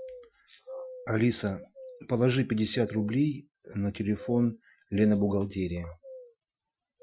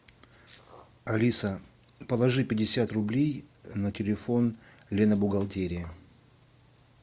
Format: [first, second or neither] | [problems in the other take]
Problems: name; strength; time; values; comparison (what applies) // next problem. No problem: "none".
second | noise reduction (classical method Wiener filter)